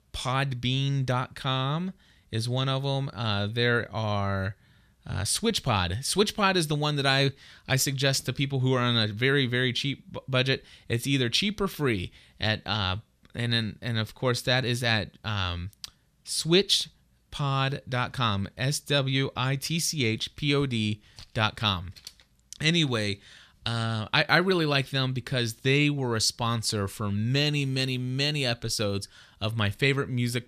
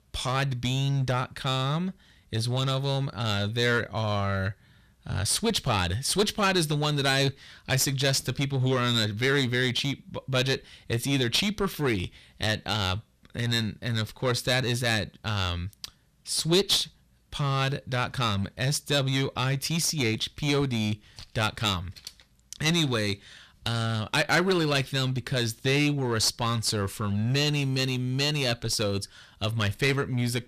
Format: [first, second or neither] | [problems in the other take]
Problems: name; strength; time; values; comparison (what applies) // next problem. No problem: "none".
first | distortion; slight; 7% of the sound clipped